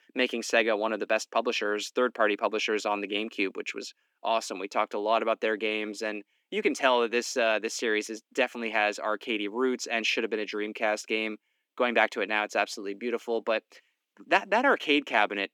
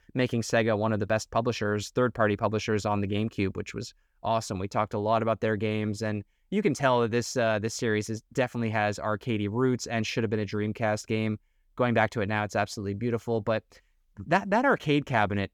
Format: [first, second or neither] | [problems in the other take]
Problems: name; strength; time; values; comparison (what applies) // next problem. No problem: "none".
second | thin; somewhat; fading below 250 Hz